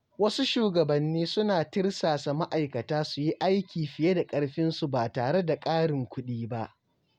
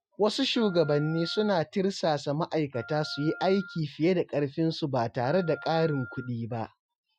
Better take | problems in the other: first | noise reduction (classical method Wiener filter)

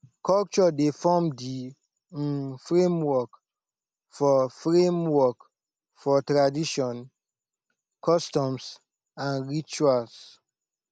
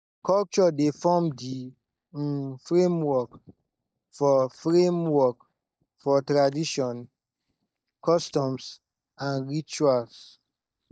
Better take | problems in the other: first | noise reduction (neural mask model DeepFilterNet 3)

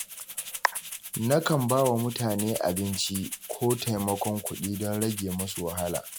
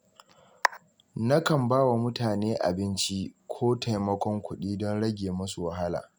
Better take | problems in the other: second | background sound (Rattle (instrument)); 10 dB below the speech

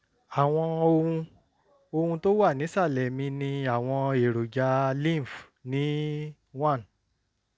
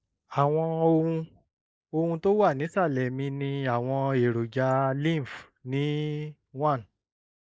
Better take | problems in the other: first | noise reduction (neural mask model Resemble Enhance denoiser)

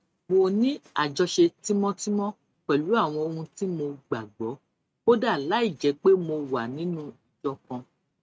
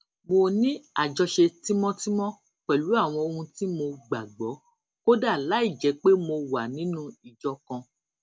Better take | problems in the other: second | noise reduction (neural mask model RNNoise)

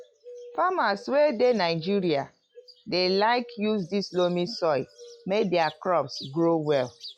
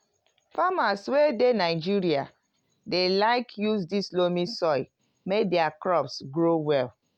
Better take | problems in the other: second | noise reduction (classical method log-MMSE)

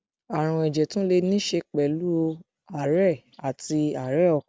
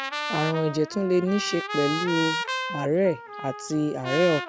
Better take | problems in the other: first | background sound (Trumpet); 6 dB below the speech

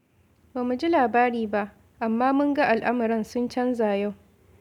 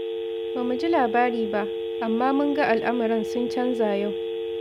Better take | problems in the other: first | background sound (Telephone); 3 dB below the speech

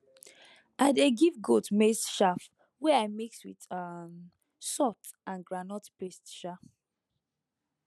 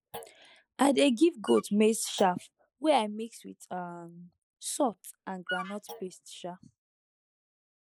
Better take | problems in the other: first | noise reduction (neural mask model Resemble Enhance denoiser)

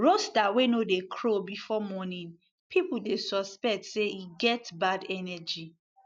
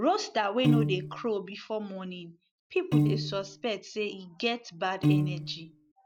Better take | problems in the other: first | background sound (Piano); 4 dB above the speech

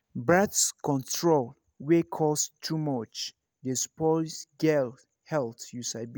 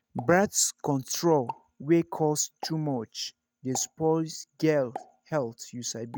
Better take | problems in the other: first | noise reduction (neural mask model RNNoise)

